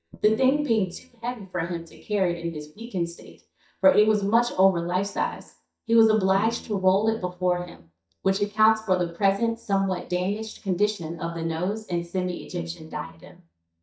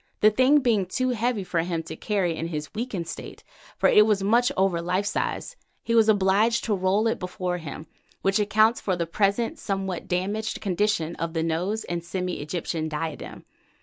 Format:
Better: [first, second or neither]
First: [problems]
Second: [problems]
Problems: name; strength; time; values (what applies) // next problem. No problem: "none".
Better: second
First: noise reduction (neural mask model DeepFilterNet 3)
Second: none